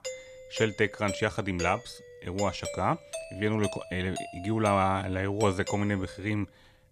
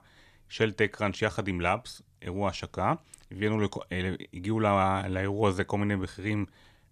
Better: second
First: doorbell; noticeable; until 6 s; peak 7 dB below the speech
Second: none

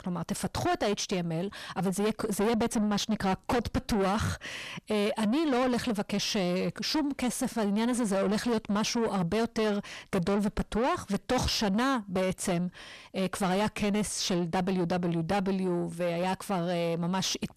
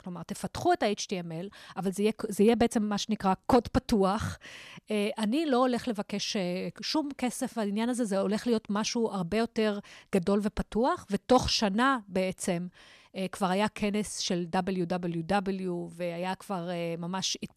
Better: second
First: distortion; heavy; 6 dB below the speech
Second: none

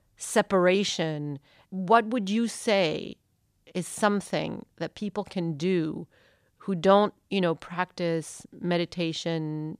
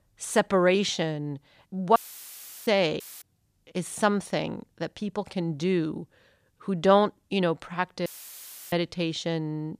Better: first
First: none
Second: audio cutting out; filled with static; at 2 s for 0.5 s, at 3 s and at 8 s for 0.5 s

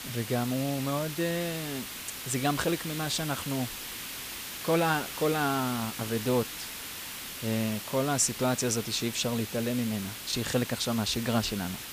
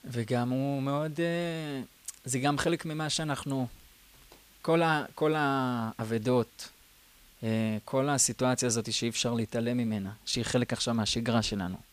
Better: second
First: hiss; loud; throughout; 7 dB below the speech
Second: hiss; faint; throughout; 25 dB below the speech

